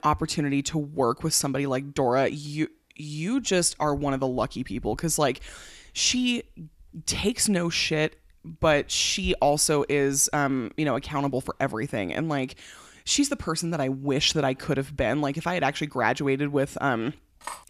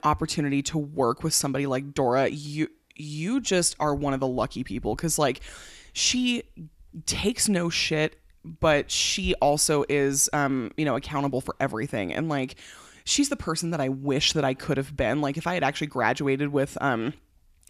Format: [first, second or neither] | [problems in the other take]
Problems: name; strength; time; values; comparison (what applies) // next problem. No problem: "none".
second | clattering dishes; faint; at 17 s; peak 15 dB below the speech